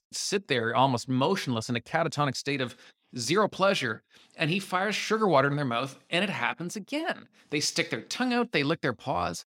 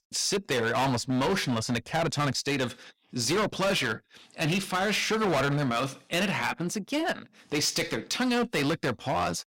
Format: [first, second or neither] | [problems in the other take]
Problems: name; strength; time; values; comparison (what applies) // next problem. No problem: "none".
first | distortion; heavy; 17% of the sound clipped